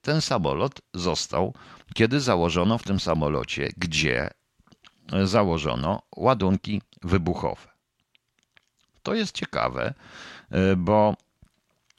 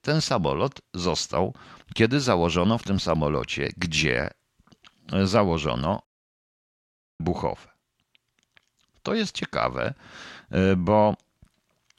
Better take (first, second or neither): first